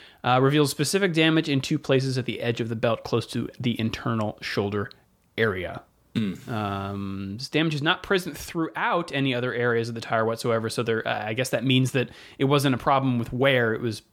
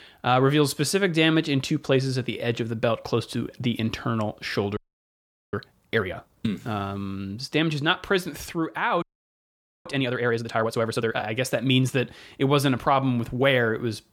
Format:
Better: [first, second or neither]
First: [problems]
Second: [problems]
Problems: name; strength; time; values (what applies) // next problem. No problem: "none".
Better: first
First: none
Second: audio freezing; at 5 s for 1 s and at 9 s for 1 s